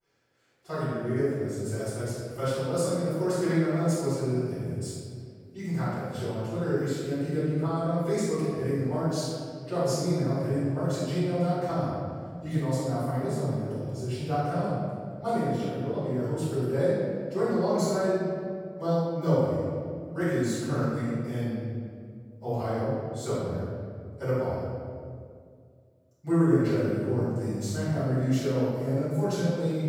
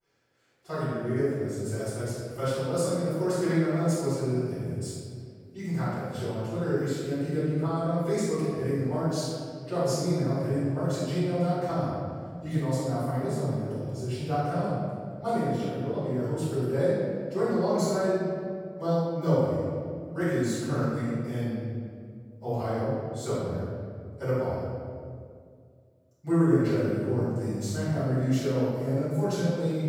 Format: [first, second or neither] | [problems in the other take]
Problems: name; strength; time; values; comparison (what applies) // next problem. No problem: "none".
neither | off-mic speech; far; the same in both // room echo; strong; dies away in 1.9 s; the same in both